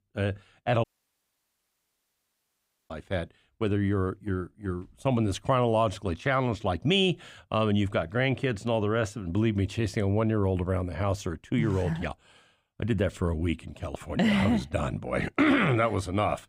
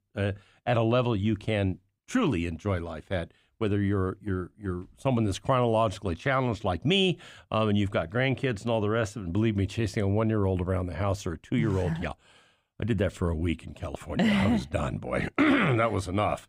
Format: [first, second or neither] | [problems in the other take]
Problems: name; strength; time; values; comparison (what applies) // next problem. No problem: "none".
second | audio cutting out; at 1 s for 2 s